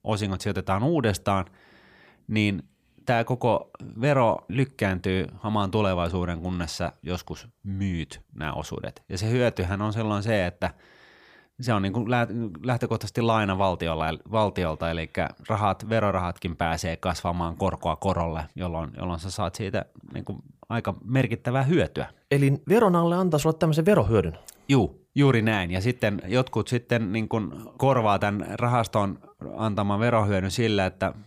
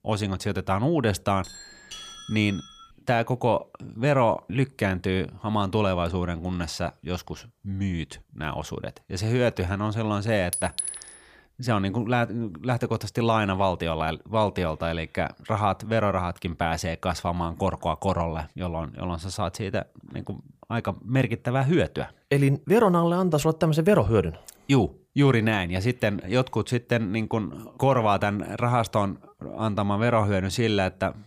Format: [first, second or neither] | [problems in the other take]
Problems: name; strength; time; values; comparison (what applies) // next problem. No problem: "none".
first | doorbell; faint; from 1.5 to 3 s; peak 15 dB below the speech // clattering dishes; noticeable; at 11 s; peak 3 dB below the speech